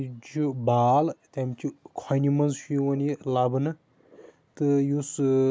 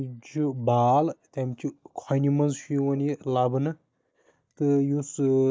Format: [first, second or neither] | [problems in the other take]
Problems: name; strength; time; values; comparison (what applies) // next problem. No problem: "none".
first | noise reduction (neural mask model DeepFilterNet 3)